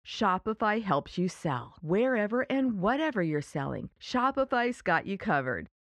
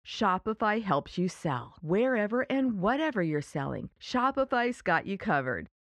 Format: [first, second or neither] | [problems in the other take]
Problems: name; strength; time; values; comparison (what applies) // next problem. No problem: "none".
neither | muffled; very; fading above 2.5 kHz; the same in both